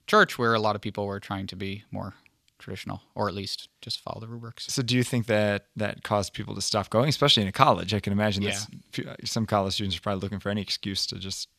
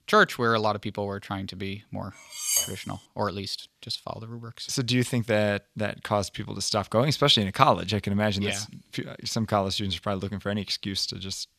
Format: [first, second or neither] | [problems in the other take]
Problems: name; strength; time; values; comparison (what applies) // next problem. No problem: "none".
first | clattering dishes; loud; at 2.5 s; peak 2 dB above the speech